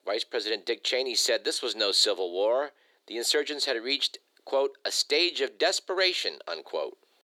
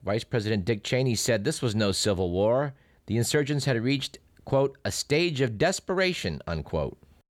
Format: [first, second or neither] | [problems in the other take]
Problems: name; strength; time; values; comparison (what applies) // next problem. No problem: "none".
second | thin; very; fading below 350 Hz